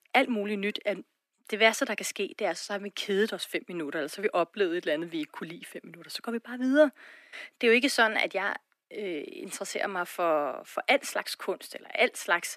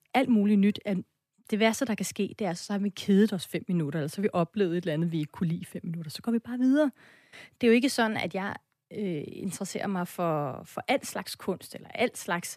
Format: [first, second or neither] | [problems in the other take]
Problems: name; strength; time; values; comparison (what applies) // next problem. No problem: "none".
second | thin; somewhat; fading below 300 Hz